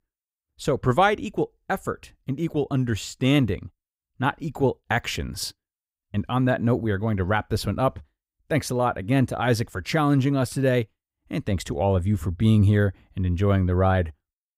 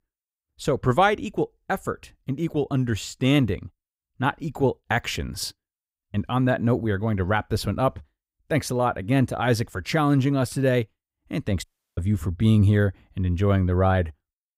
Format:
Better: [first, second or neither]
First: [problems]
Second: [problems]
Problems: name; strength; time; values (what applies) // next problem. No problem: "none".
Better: first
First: none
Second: audio cutting out; at 12 s